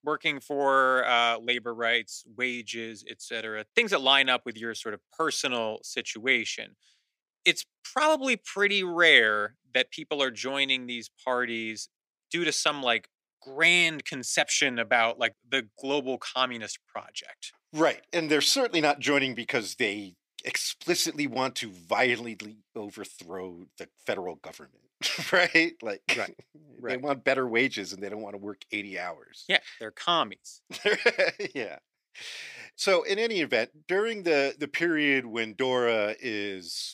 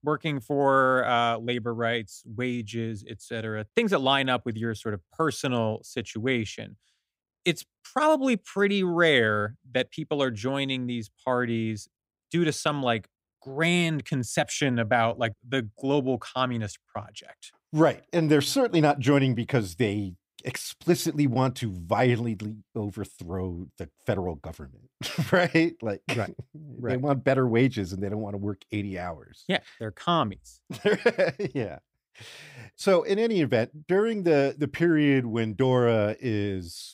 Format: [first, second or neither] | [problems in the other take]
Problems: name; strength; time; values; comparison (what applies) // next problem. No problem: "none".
second | thin; somewhat; fading below 350 Hz